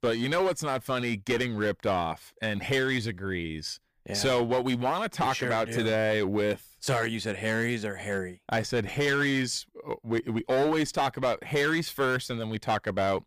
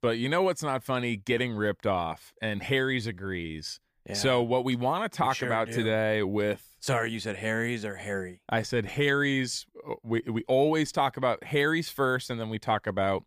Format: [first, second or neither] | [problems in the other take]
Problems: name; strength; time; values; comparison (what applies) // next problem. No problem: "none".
second | distortion; slight; 10% of the sound clipped